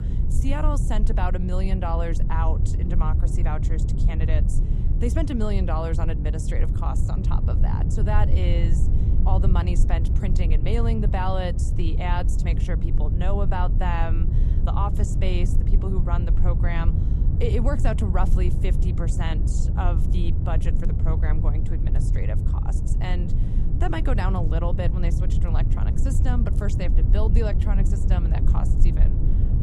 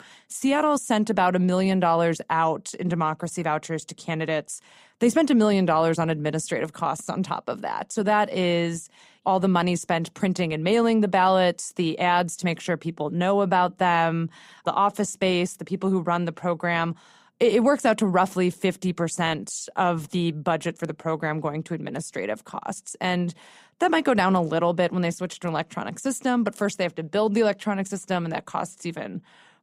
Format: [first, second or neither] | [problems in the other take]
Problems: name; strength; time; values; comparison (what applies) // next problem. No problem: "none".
second | low rumble; loud; throughout; 6 dB below the speech